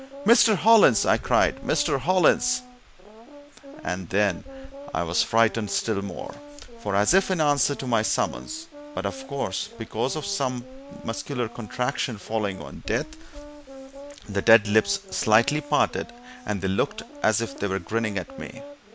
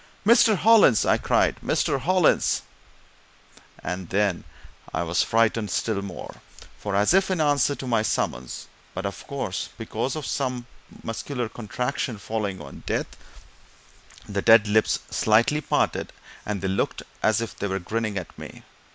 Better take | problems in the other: second | background sound (Brass instrument); 18 dB below the speech

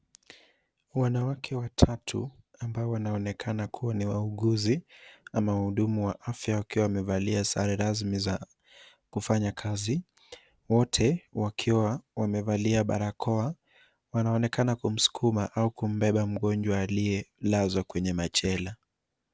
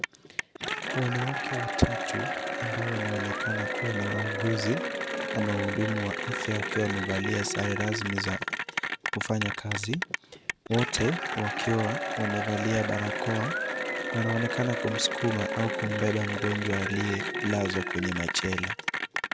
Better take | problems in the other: first | background sound (Applause / Cheering); 1 dB below the speech

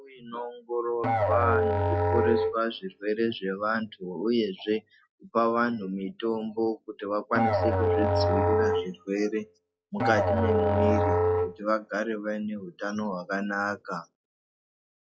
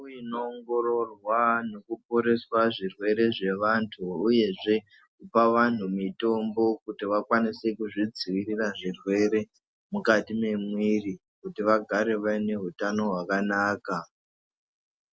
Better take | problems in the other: second | noise reduction (classical method log-MMSE)

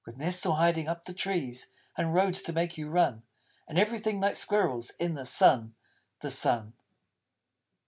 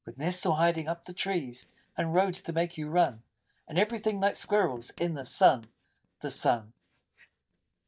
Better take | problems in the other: first | noise reduction (neural mask model DeepFilterNet 3)

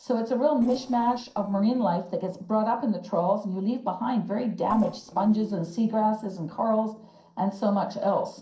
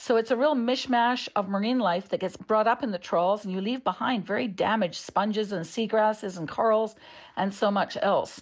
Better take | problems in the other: second | noise reduction (neural separator model SepFormer DNS4)

